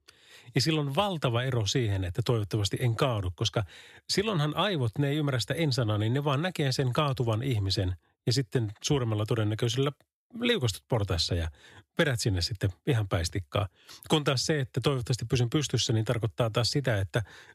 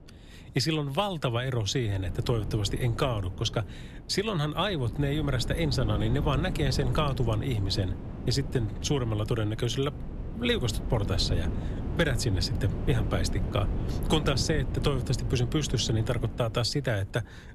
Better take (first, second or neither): first